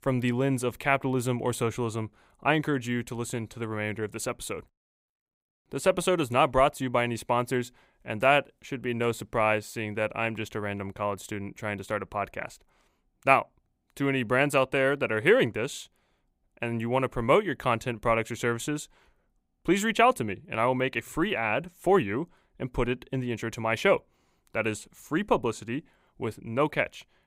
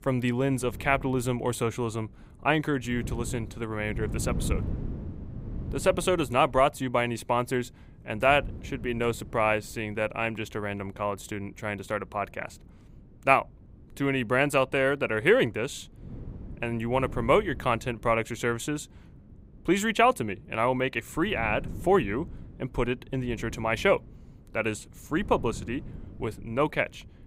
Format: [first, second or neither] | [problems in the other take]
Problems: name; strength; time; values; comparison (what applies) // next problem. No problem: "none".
first | wind noise on the microphone; occasional gusts; 25 dB below the speech